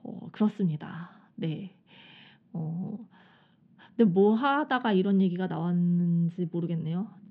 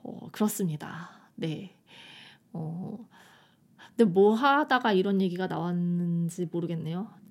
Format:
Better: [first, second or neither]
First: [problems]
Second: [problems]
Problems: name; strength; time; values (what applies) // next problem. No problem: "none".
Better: second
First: muffled; very; fading above 3 kHz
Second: none